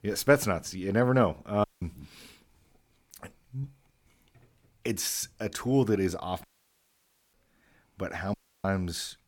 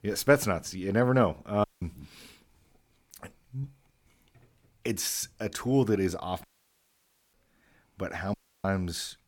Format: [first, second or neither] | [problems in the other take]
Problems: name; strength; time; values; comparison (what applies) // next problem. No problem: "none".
neither | audio cutting out; at 1.5 s, at 6.5 s for 1 s and at 8.5 s; the same in both